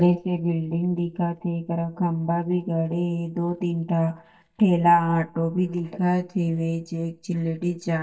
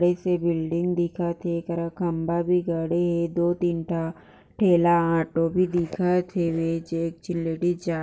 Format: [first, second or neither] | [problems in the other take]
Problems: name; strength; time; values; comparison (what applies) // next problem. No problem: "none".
second | noise reduction (neural mask model DeepFilterNet 3)